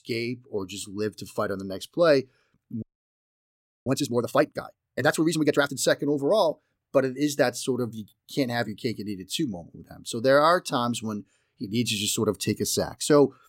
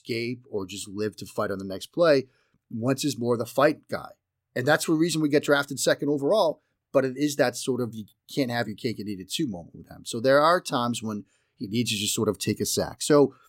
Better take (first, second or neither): second